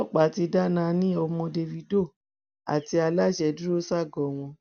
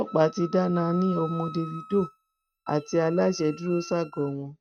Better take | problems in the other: first | noise reduction (neural mask model RNNoise)

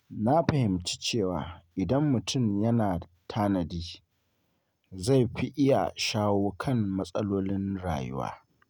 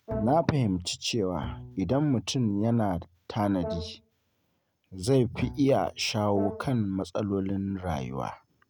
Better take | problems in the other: first | background sound (Bowed string instrument + Brass instrument); 14 dB below the speech

